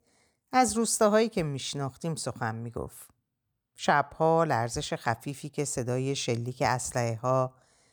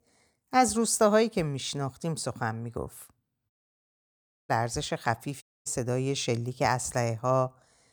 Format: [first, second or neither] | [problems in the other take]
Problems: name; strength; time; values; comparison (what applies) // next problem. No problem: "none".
first | audio cutting out; at 3.5 s for 1 s and at 5.5 s